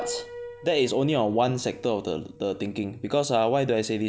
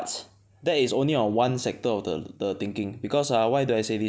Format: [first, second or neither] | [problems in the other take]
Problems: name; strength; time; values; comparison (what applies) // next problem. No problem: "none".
second | background sound (Piano); 17 dB below the speech